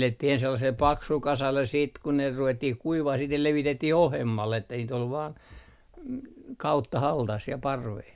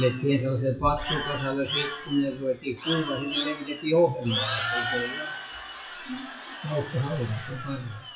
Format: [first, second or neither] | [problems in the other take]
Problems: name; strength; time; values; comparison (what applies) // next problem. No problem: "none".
first | noise reduction (classical method WPE with log-MMSE)